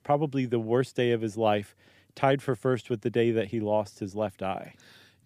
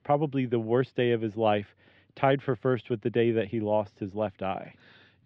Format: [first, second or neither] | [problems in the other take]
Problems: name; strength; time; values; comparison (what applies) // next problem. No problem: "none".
first | muffled; slightly; fading above 3.5 kHz